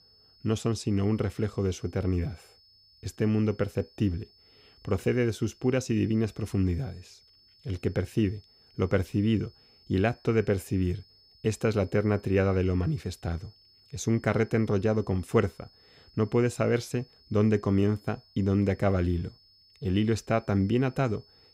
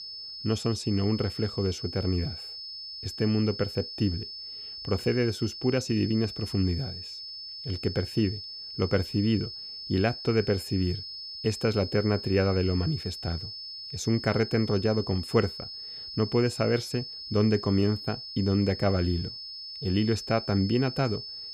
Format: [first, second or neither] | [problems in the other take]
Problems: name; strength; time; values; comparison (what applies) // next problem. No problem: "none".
first | high-pitched whine; loud; throughout; 5 kHz, 9 dB below the speech; faint in the first